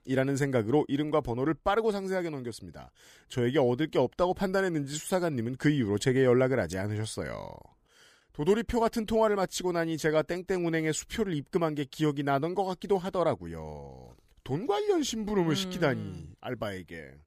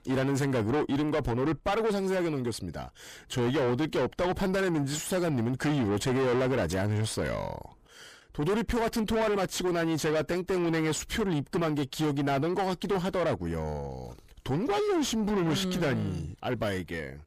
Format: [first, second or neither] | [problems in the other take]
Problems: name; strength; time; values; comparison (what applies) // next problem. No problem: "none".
first | distortion; heavy; 6 dB below the speech